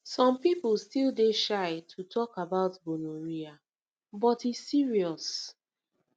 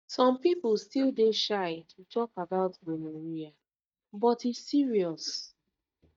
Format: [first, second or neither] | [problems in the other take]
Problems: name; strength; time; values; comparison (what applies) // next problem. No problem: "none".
first | noise reduction (neural mask model DeepFilterNet 3)